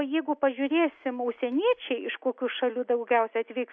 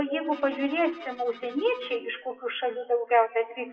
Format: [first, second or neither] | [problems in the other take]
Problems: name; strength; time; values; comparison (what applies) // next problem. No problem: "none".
first | noise reduction (classical method WPE with log-MMSE)